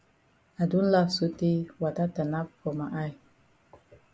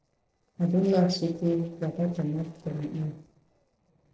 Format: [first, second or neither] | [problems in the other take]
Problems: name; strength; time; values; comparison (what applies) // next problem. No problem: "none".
first | noise reduction (neural separator model SepFormer DNS4)